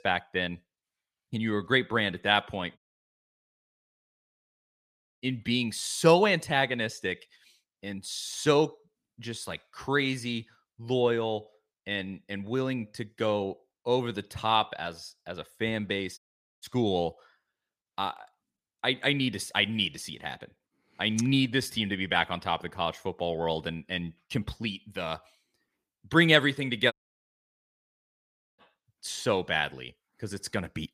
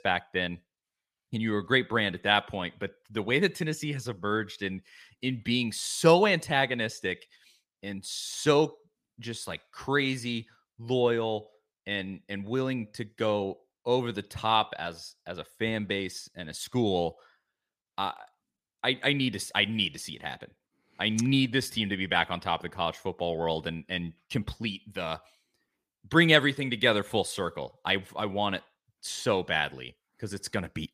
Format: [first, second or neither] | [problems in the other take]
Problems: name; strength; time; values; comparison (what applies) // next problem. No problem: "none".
second | audio cutting out; at 3 s for 2.5 s, at 16 s and at 27 s for 1.5 s